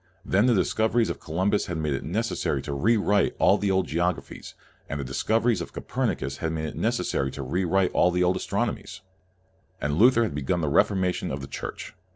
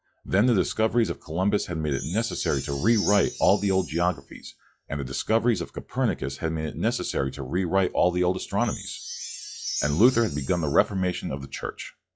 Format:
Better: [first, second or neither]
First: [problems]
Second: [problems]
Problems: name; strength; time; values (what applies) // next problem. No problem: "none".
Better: first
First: none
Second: noise reduction (classical method log-MMSE)